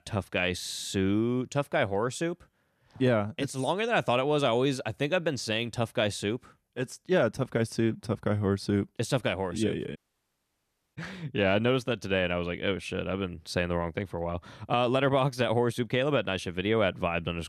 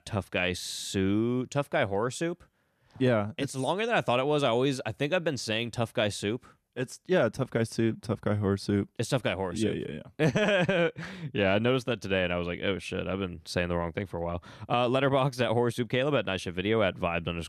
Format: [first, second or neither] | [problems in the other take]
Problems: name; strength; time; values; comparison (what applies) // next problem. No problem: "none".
second | audio cutting out; at 10 s for 1 s